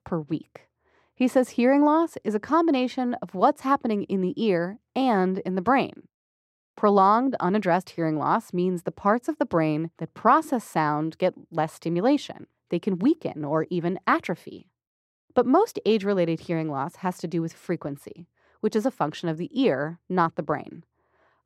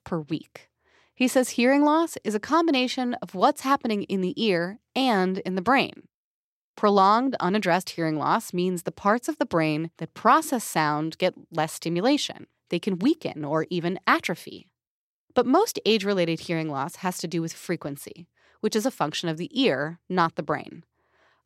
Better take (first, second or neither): second